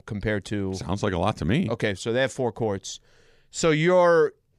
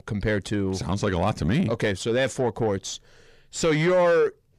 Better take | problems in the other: first | distortion; slight; 10 dB below the speech

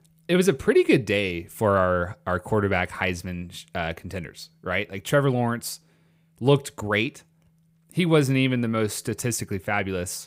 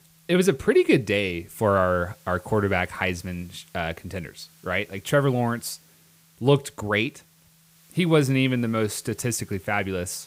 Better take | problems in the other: first | hiss; faint; throughout; 30 dB below the speech

